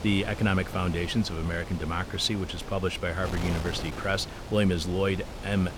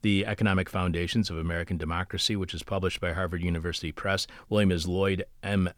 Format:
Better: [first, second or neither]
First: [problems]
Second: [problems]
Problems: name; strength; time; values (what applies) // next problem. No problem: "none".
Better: second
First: wind noise on the microphone; occasional gusts; 10 dB below the speech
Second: none